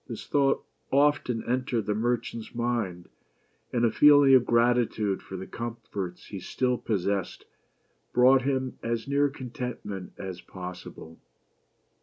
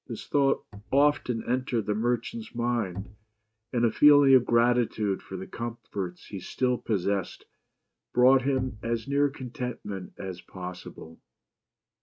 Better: first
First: none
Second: noise reduction (neural mask model RNNoise)

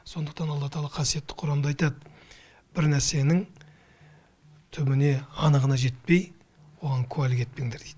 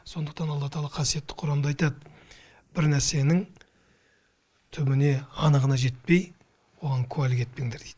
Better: first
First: none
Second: noise reduction (neural mask model Resemble Enhance denoiser)

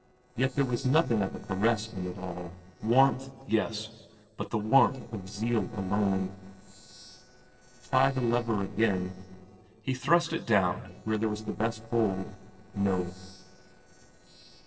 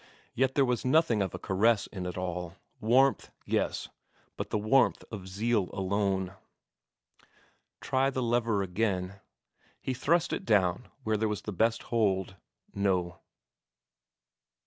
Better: second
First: noise reduction (neural separator model SepFormer DNS4)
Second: none

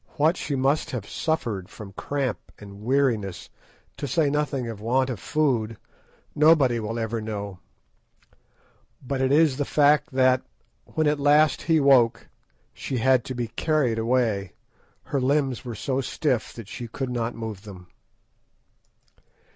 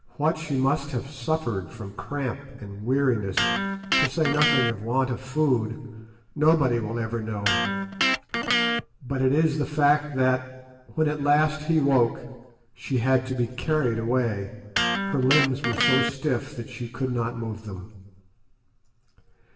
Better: first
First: none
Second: background sound (Electric guitar); 2 dB below the speech // room echo; dies away in 1.2 s

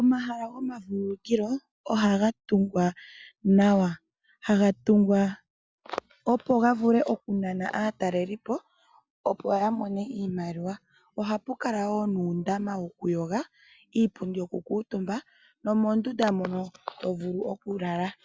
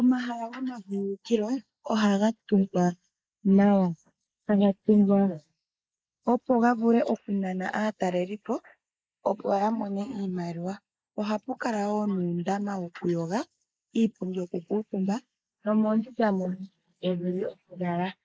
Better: first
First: none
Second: noise reduction (neural mask model Resemble Enhance denoiser)

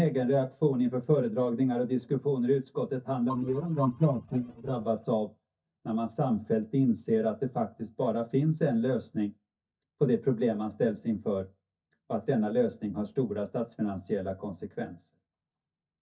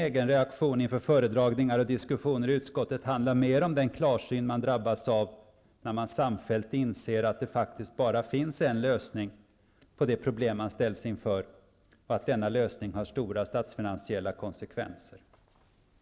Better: second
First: noise reduction (neural mask model DeepFilterNet 3)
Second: none

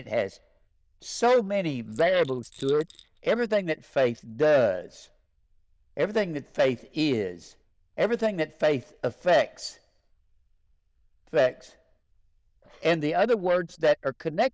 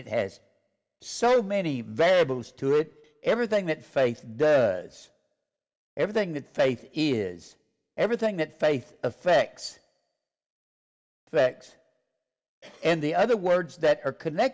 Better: second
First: noise reduction (neural diffusion model UNIVERSE++)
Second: none

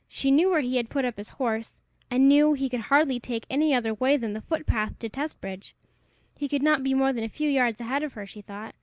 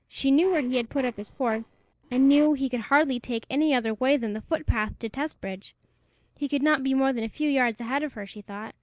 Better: first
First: none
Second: noise reduction (neural separator model SepFormer DNS4)

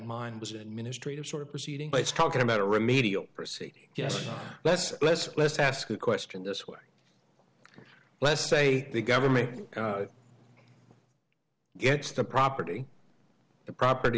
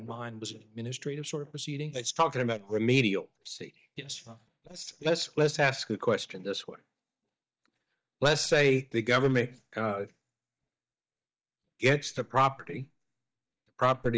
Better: first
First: none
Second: noise reduction (neural mask model DeepFilterNet 3)

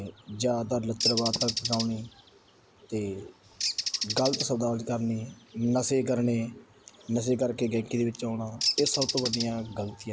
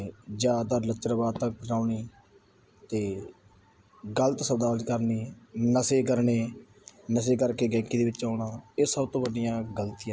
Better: second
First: background sound (Bird); 6 dB below the speech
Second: none

